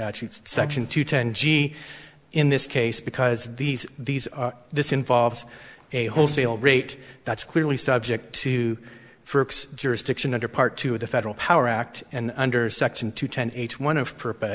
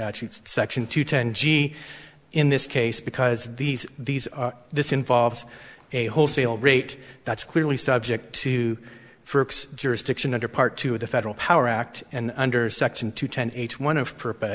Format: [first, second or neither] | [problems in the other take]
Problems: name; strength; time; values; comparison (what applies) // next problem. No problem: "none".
second | background sound (Bowed string instrument); 12 dB below the speech